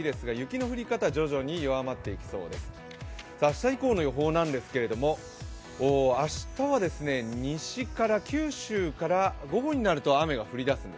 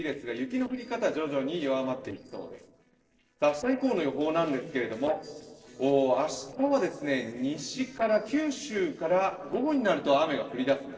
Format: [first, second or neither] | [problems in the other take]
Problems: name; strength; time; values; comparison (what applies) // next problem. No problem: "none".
first | noise reduction (neural separator model SepFormer DNS4)